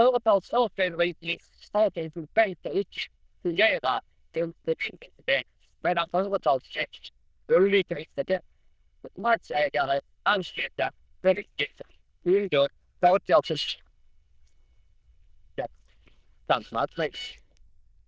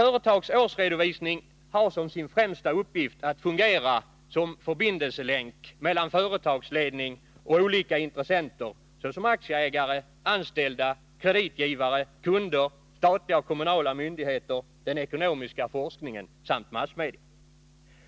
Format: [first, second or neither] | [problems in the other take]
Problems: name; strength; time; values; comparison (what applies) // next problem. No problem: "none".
second | noise reduction (neural diffusion model UNIVERSE++)